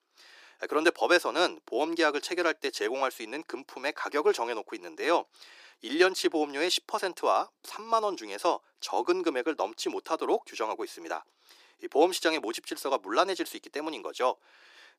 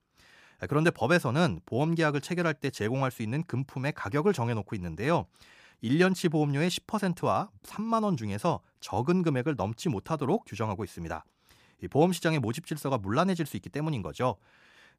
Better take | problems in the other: second | thin; very; fading below 350 Hz

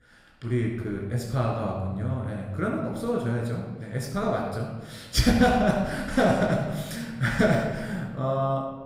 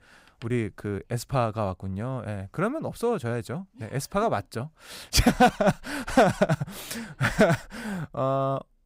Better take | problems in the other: second | off-mic speech; somewhat distant // room echo; noticeable; dies away in 1.1 s

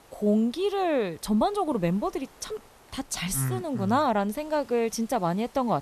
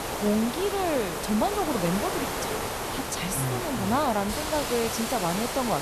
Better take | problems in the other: first | hiss; loud; throughout; 2 dB below the speech; faint in the first

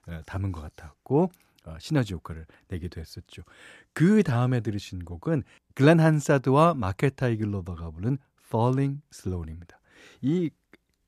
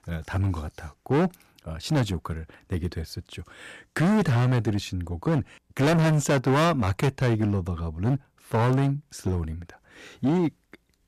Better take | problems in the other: first | distortion; heavy; 12% of the sound clipped

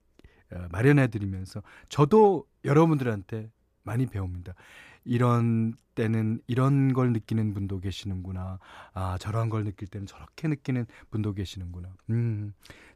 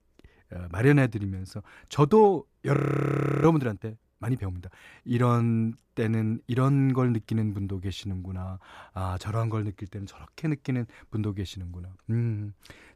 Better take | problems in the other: first | audio freezing; at 3 s for 0.5 s

